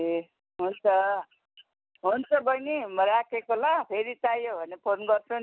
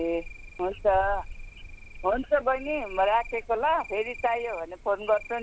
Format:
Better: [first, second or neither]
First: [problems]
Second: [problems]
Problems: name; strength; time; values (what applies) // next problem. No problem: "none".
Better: first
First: none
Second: background sound (Cricket); 13 dB below the speech